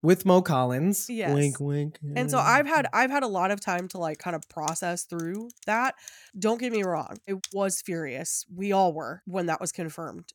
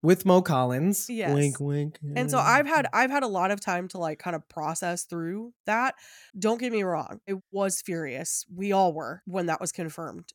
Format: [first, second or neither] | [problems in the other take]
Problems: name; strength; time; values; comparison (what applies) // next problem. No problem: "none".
second | keyboard typing; faint; from 4 to 7.5 s; peak 10 dB below the speech